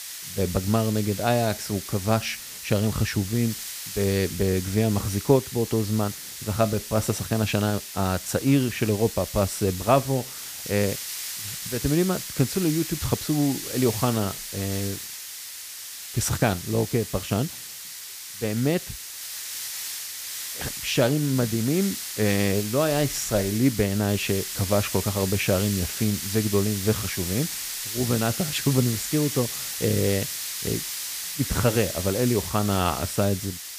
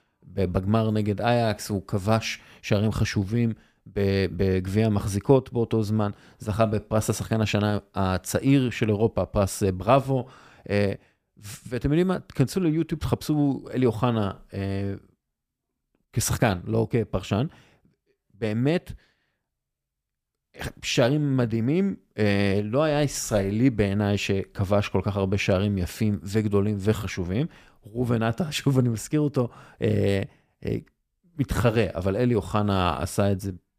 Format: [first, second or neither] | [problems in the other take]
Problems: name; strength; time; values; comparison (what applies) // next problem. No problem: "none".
second | hiss; loud; throughout; 6 dB below the speech